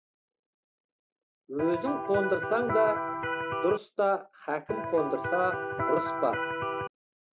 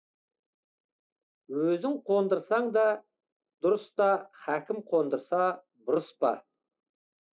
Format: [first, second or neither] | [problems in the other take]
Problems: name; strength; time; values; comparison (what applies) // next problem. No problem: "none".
second | background sound (Electric guitar); 1 dB below the speech